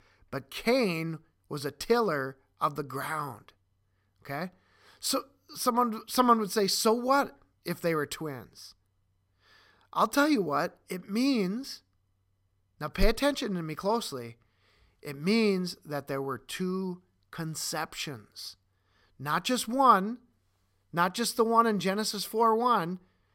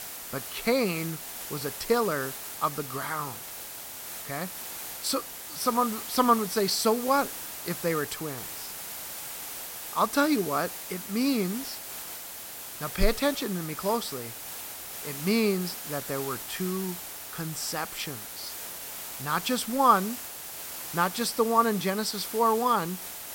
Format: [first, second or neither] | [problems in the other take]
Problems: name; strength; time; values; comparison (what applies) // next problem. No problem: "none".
first | hiss; loud; throughout; 8 dB below the speech